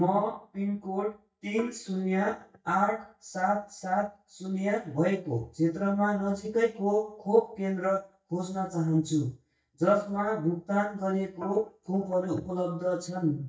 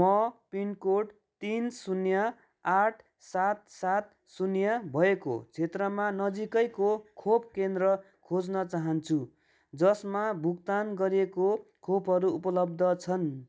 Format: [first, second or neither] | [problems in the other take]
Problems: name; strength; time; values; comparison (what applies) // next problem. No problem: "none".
second | noise reduction (neural mask model DeepFilterNet 3)